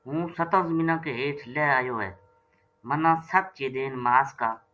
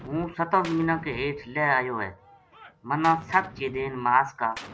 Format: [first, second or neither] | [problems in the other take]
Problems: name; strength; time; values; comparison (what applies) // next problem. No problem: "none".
first | background sound (Gunshot, gunfire); 18 dB below the speech